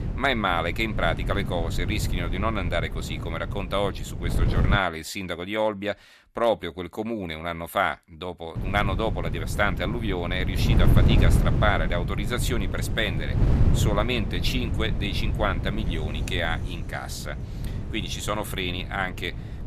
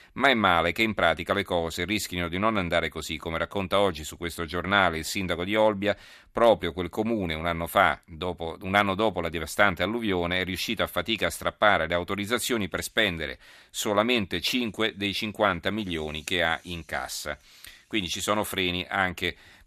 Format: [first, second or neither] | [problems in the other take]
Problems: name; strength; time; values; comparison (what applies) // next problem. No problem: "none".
second | wind noise on the microphone; occasional gusts; until 5 s and from 8.5 s on; 10 dB below the speech